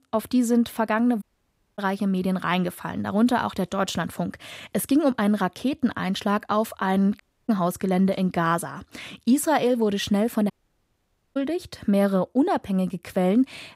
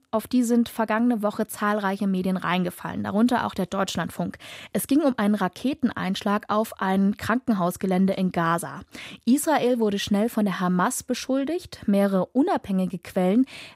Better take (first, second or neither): second